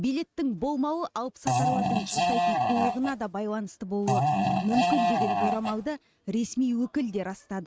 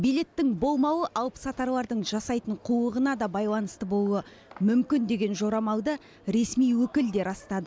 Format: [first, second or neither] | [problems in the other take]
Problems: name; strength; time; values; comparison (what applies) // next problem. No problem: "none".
second | noise reduction (neural mask model RNNoise)